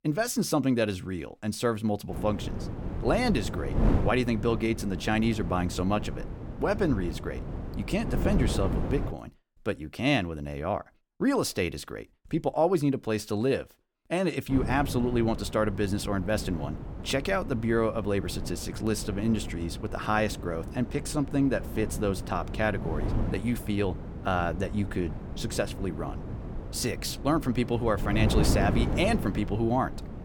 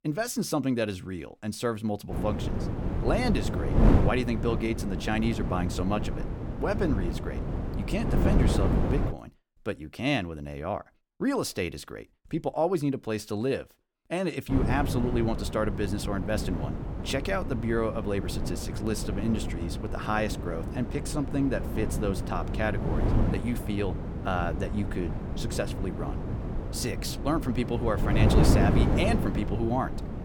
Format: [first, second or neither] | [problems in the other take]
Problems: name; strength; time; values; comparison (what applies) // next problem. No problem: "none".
first | wind noise on the microphone; heavy; from 2 to 9 s and from 15 s on; 4 dB below the speech; occasional gusts in the first